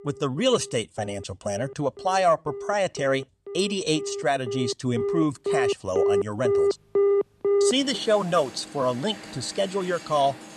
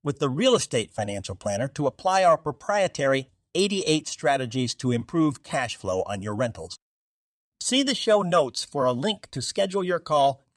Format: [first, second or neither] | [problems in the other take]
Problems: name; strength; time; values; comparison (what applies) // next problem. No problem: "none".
second | alarms or sirens; loud; throughout; 1 dB below the speech